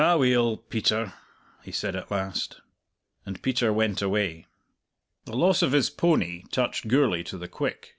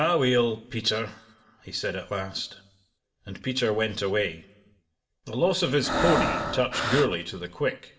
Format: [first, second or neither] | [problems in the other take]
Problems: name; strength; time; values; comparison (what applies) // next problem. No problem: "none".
first | background sound (Breathing); as loud as the speech // room echo; dies away in 0.6 s